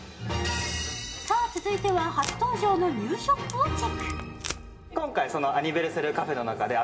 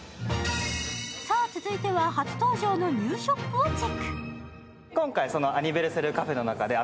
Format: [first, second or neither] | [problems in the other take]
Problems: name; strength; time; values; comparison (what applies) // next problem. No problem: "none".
second | background sound (Packing tape, duct tape); 14 dB below the speech // room echo; dies away in 0.8 s